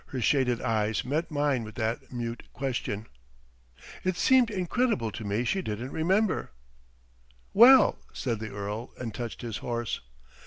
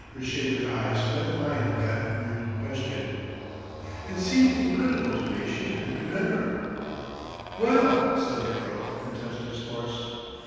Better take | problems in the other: first | background sound (Motorcycle); 8 dB below the speech // room echo; dies away in 2.1 s

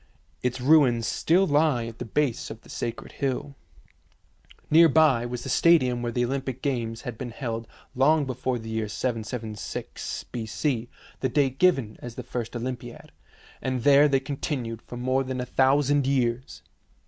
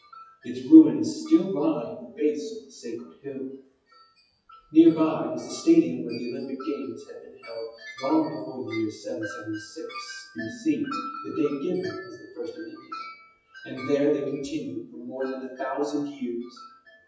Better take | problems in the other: first | noise reduction (classical method WPE with log-MMSE)

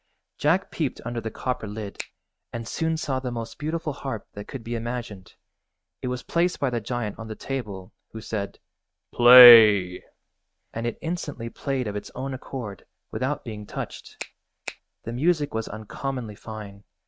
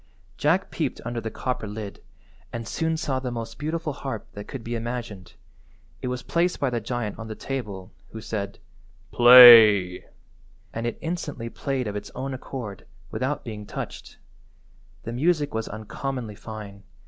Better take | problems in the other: second | noise reduction (neural mask model RNNoise)

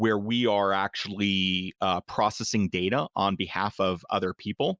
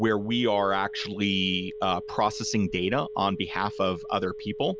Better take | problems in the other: first | background sound (Telephone); 12 dB below the speech

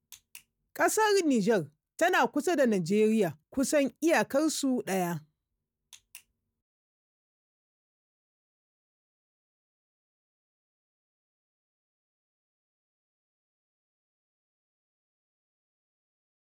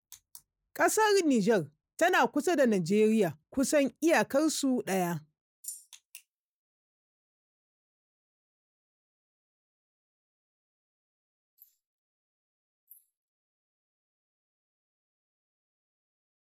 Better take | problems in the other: first | noise reduction (neural mask model Resemble Enhance denoiser)

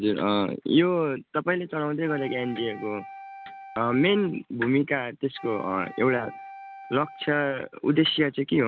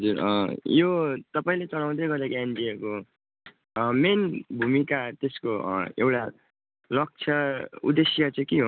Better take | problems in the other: second | background sound (Wind instrument, woodwind instrument); 18 dB below the speech

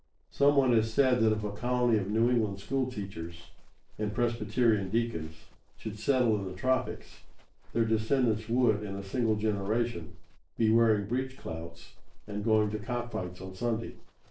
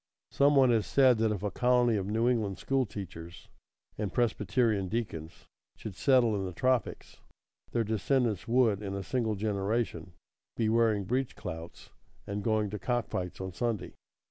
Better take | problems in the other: second | noise reduction (neural separator model SepFormer DNS4)

